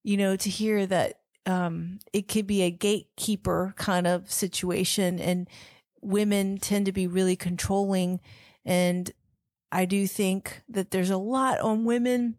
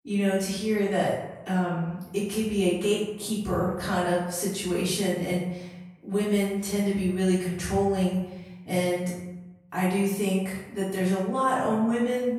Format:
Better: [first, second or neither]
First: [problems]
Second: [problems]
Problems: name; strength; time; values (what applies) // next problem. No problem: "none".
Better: first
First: none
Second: off-mic speech; far // room echo; noticeable; dies away in 0.9 s